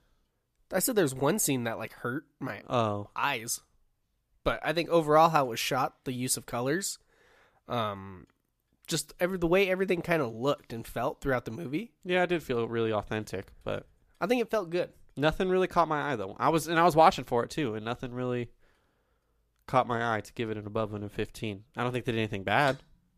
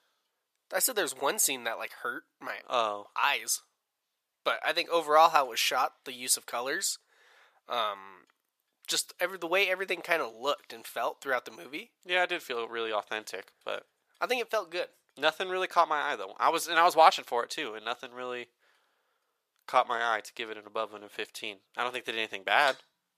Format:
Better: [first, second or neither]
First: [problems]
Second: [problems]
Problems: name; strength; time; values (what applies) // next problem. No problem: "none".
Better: first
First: none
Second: thin; very; fading below 650 Hz